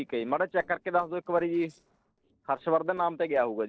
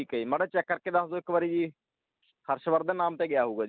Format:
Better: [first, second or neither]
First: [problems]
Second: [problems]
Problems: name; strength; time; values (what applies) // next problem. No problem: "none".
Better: second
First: noise reduction (neural separator model SepFormer DNS4)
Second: none